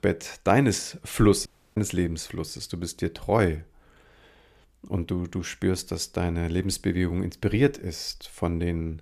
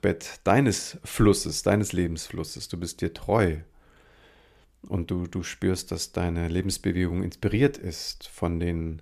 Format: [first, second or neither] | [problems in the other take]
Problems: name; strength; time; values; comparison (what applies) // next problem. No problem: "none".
second | audio cutting out; at 1.5 s